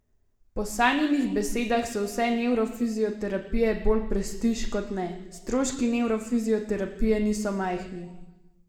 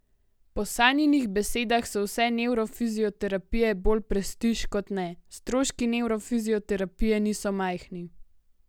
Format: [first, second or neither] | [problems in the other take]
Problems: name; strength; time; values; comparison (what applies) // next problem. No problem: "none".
second | room echo; dies away in 1 s